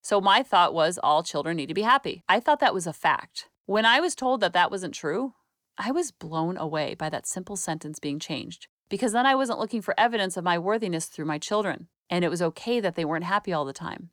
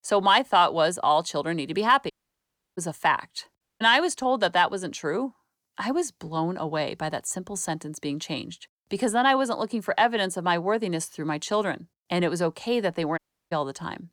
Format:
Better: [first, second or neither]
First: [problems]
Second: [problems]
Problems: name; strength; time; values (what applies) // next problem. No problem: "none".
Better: first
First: none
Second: audio cutting out; at 2 s for 0.5 s, at 3.5 s and at 13 s